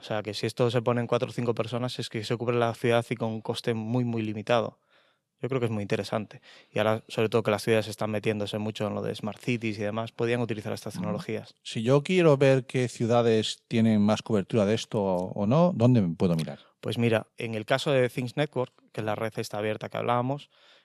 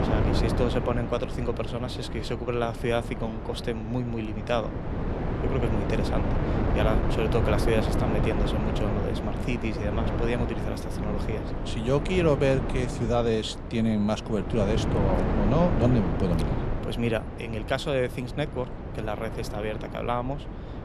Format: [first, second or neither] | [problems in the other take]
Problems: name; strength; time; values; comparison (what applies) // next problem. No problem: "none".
first | wind noise on the microphone; heavy; 4 dB below the speech